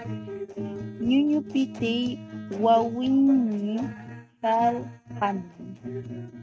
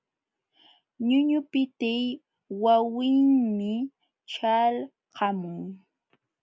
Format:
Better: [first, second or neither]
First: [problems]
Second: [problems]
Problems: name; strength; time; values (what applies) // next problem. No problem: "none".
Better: second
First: noise reduction (neural mask model RNNoise)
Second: none